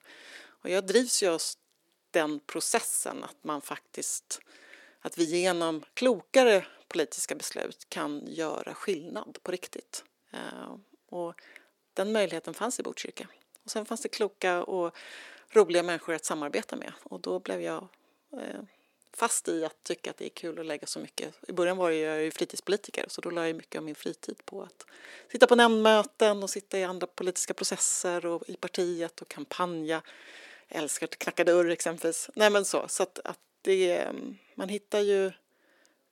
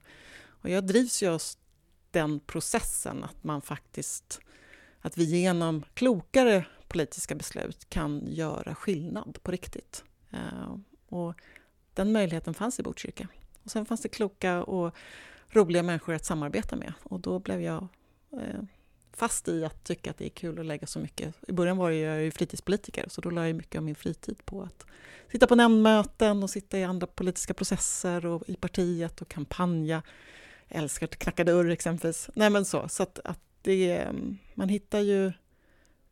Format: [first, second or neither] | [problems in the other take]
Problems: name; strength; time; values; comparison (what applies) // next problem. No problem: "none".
second | thin; somewhat; fading below 300 Hz